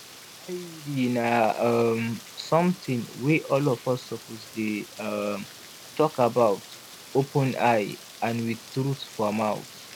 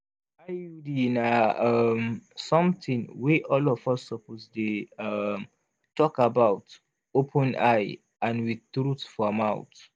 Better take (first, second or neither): second